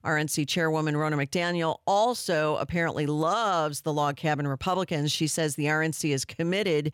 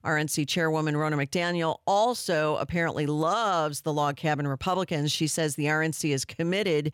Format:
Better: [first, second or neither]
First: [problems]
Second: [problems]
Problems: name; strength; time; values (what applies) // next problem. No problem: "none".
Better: neither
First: none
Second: none